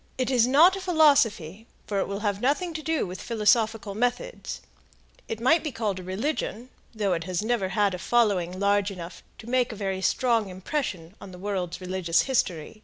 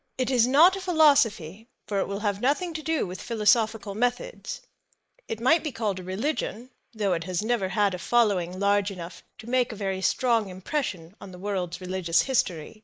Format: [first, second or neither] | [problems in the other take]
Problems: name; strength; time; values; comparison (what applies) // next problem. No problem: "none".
first | noise reduction (neural mask model Resemble Enhance denoiser)